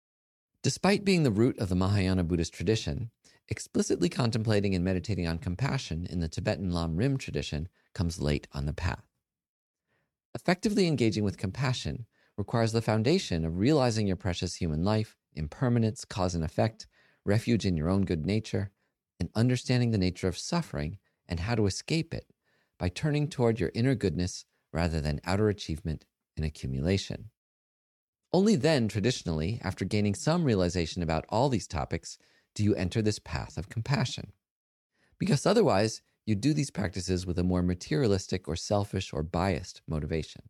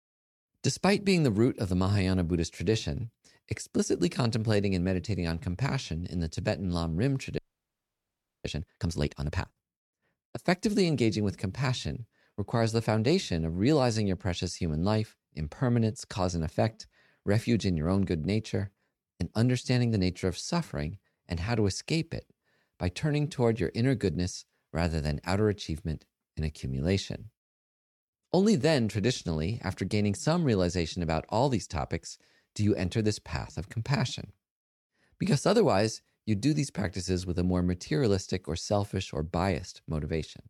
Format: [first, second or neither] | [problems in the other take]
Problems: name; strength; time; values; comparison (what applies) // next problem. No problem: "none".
first | audio freezing; at 7.5 s for 1 s